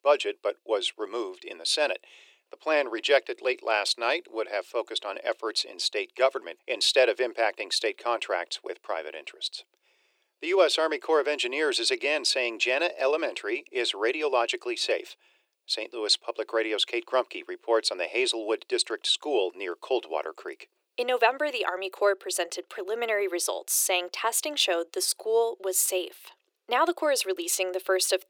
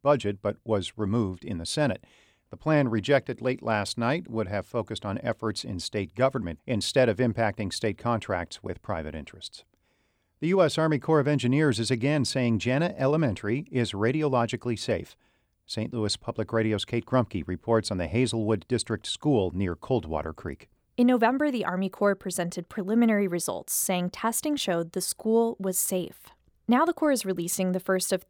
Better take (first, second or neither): second